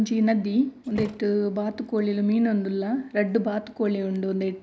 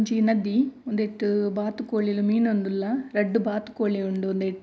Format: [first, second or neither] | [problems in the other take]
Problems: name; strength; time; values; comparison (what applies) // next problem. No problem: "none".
second | background sound (Thump, thud); 17 dB below the speech